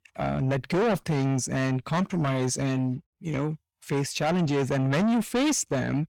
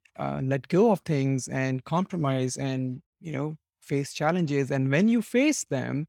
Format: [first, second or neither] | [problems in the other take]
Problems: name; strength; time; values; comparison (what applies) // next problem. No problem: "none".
second | distortion; heavy; 7 dB below the speech